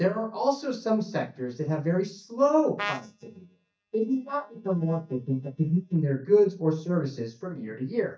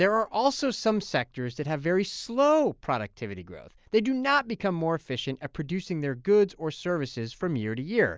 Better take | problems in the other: second | noise reduction (neural mask model DeepFilterNet 3)

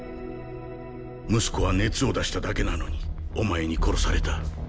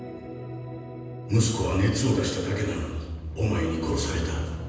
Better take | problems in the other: first | room echo; dies away in 1.1 s

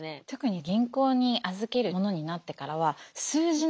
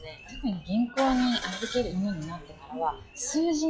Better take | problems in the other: first | noise reduction (classical method log-MMSE)

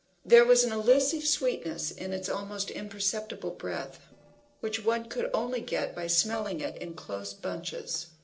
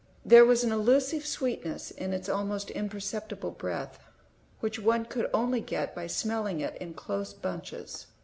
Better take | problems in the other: second | noise reduction (neural separator model SepFormer DNS4)

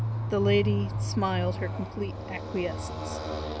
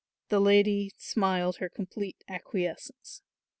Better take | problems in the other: second | background sound (Motorcycle); as loud as the speech

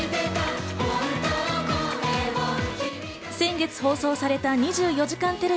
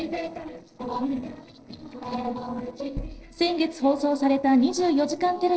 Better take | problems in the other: first | noise reduction (neural separator model SepFormer DNS4)

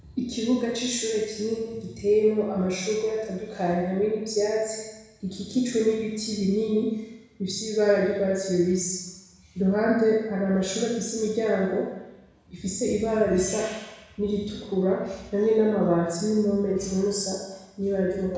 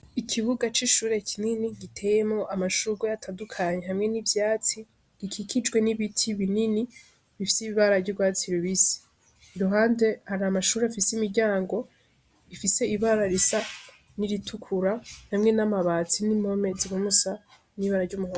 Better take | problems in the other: second | room echo; dies away in 1.1 s

